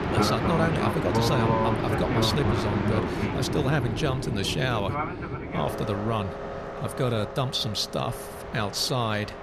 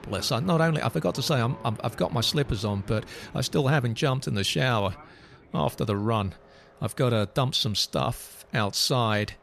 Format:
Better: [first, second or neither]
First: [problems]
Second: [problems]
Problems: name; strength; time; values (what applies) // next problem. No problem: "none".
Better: second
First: train or aircraft noise; loud; throughout; 1 dB below the speech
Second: train or aircraft noise; faint; throughout; 20 dB below the speech